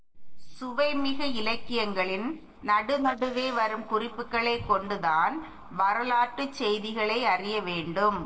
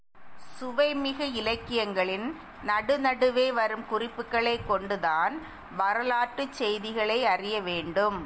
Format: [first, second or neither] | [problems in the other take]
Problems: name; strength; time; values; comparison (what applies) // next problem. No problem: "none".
second | noise reduction (neural separator model SepFormer DNS4)